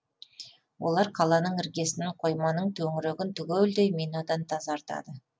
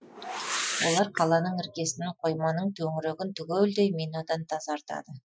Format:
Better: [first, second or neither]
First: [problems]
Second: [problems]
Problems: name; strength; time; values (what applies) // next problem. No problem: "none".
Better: first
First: none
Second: noise reduction (classical method Wiener filter)